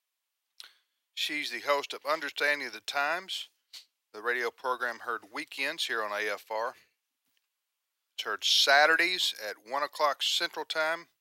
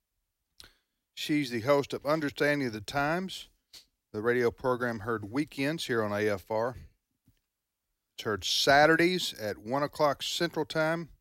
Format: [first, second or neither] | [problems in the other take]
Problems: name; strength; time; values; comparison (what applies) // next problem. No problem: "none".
second | thin; very; fading below 700 Hz